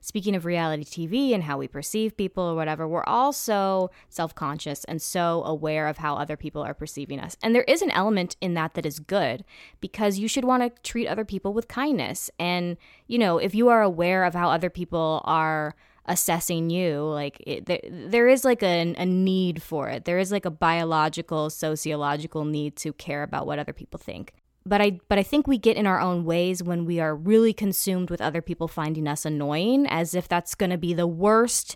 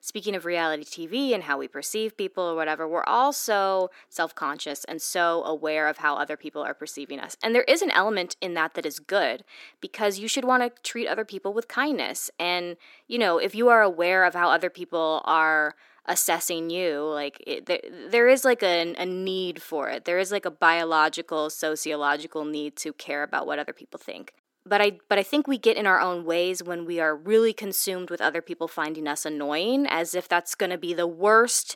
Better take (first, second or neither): first